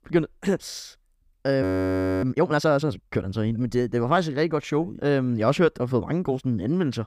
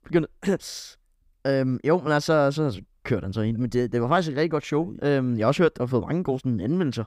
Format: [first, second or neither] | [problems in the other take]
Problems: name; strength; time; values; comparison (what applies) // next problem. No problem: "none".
second | audio freezing; at 1.5 s for 0.5 s